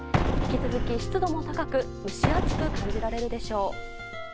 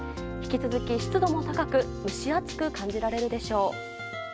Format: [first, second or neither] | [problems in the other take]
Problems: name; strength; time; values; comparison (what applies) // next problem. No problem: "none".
second | background sound (Explosion); 2 dB above the speech